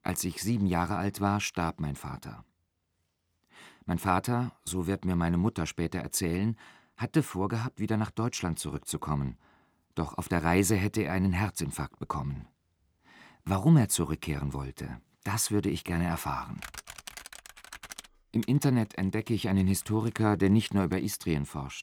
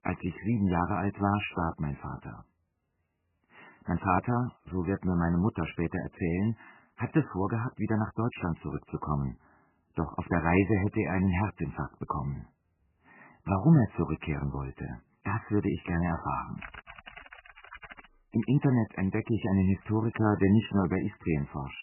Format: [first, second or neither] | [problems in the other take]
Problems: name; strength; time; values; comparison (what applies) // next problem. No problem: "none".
first | garbled, watery; badly; nothing above 3 kHz